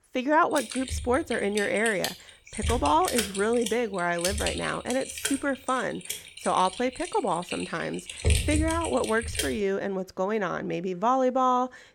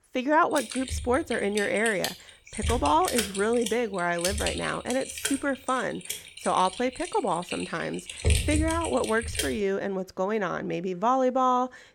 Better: neither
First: keyboard typing; loud; from 0.5 to 9.5 s; peak 2 dB above the speech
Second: keyboard typing; loud; from 0.5 to 9.5 s; peak 2 dB above the speech

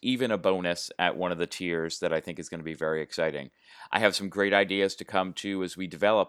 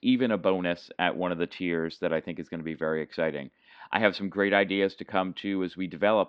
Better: first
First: none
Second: muffled; slightly; fading above 3.5 kHz

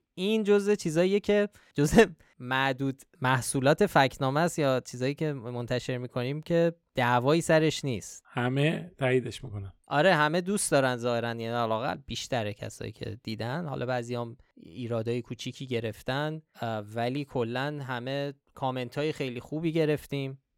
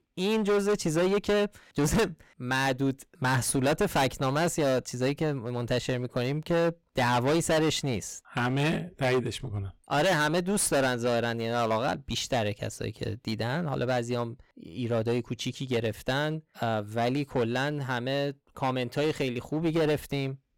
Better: first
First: none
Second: distortion; heavy; 14% of the sound clipped

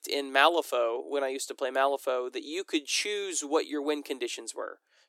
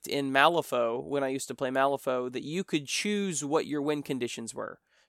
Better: second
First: thin; somewhat; fading below 300 Hz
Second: none

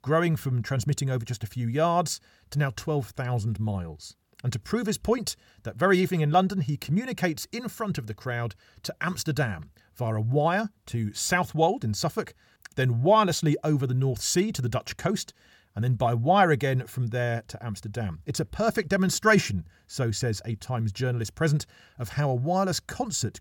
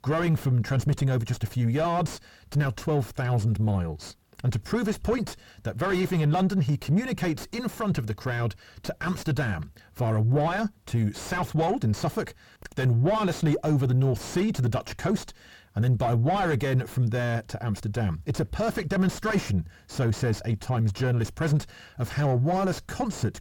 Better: first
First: none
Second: distortion; heavy; 5 dB below the speech

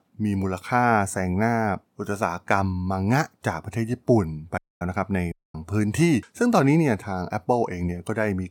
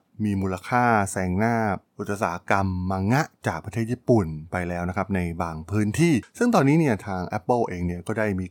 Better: second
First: audio cutting out; at 4.5 s and at 5.5 s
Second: none

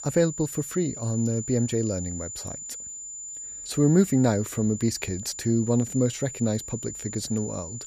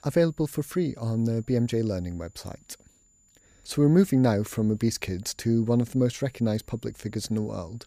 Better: second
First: high-pitched whine; loud; throughout; 7 kHz, 9 dB below the speech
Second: high-pitched whine; faint; throughout; 7 kHz, 35 dB below the speech

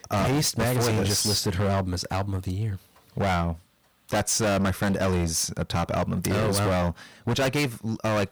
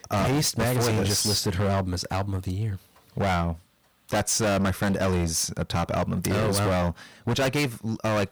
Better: neither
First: distortion; heavy; 22% of the sound clipped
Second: distortion; heavy; 22% of the sound clipped

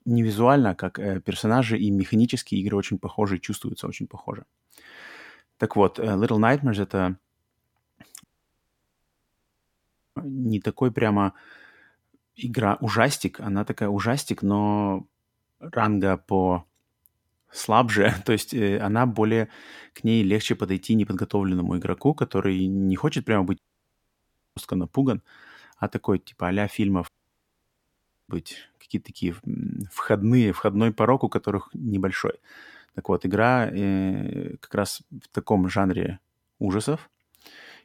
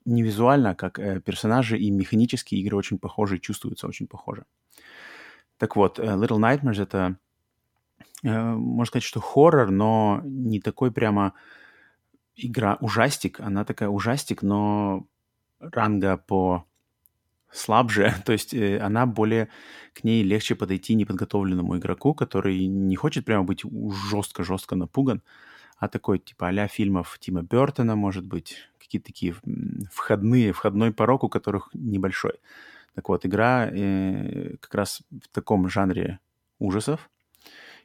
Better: second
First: audio cutting out; at 8 s for 2 s, at 24 s for 1 s and at 27 s for 1 s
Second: none

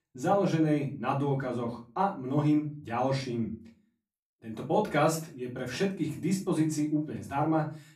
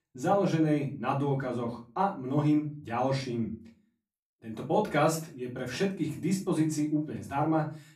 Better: neither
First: off-mic speech; far // room echo; slight; dies away in 0.3 s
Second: off-mic speech; far // room echo; slight; dies away in 0.3 s

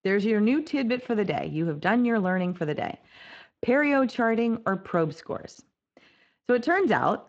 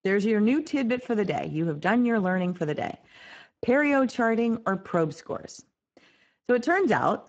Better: first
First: garbled, watery; slightly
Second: garbled, watery; badly; nothing above 7.5 kHz

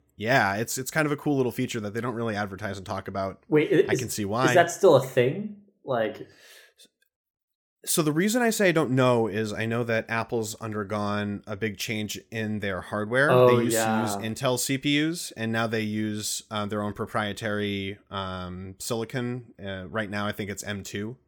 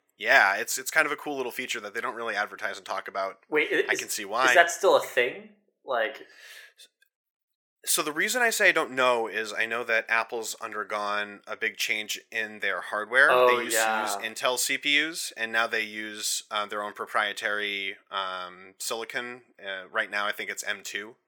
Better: first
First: none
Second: thin; very; fading below 600 Hz

